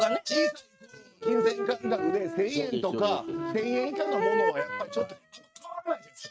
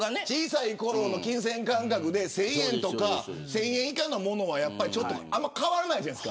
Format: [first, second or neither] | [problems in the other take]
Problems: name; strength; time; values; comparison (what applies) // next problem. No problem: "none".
second | noise reduction (neural mask model RNNoise)